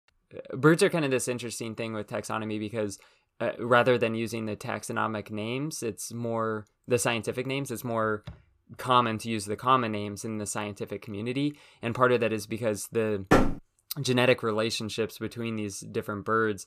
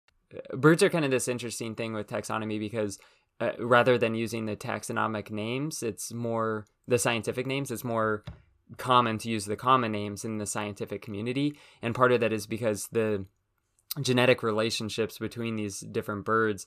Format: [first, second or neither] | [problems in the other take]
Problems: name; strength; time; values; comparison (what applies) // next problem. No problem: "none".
second | door banging; loud; at 13 s; peak 5 dB above the speech